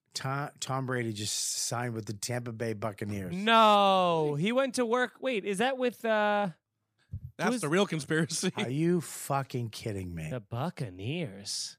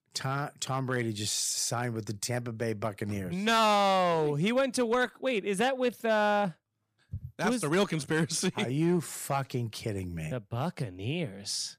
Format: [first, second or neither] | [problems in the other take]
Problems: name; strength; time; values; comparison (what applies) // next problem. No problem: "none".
first | distortion; slight; 3% of the sound clipped